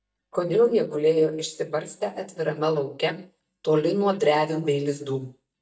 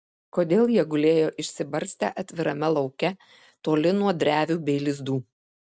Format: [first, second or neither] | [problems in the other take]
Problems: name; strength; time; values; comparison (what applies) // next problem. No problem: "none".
second | noise reduction (neural mask model DeepFilterNet 3)